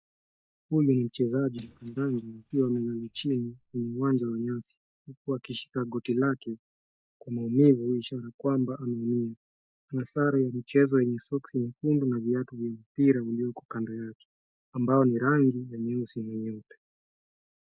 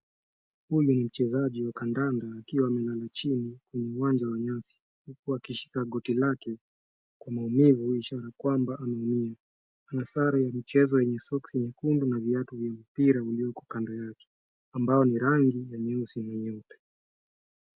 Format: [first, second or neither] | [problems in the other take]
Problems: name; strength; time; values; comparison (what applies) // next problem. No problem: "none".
second | noise reduction (neural mask model DeepFilterNet 3)